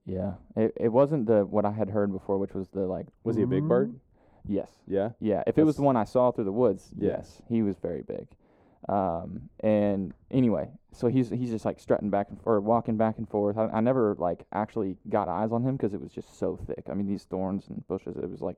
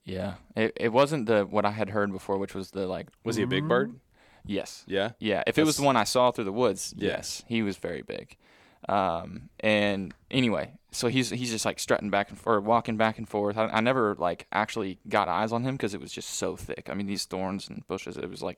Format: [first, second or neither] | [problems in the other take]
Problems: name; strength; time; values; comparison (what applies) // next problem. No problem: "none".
second | muffled; very; fading above 1.5 kHz